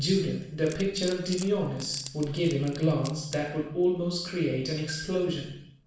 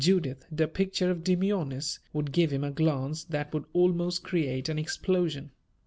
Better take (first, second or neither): second